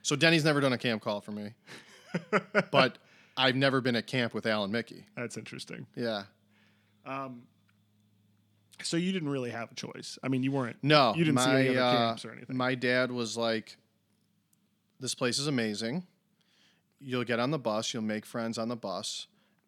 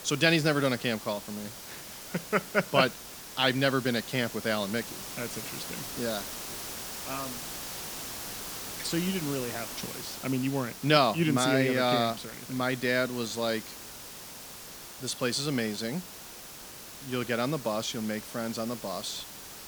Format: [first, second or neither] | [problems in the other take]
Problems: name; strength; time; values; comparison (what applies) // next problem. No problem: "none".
first | hiss; loud; throughout; 10 dB below the speech